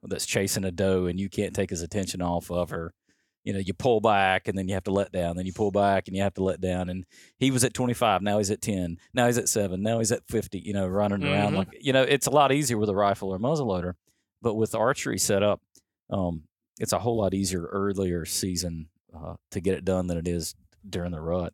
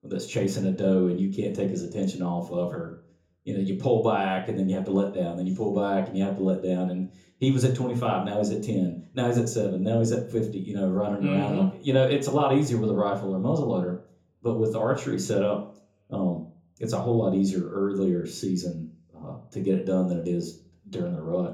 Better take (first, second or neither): first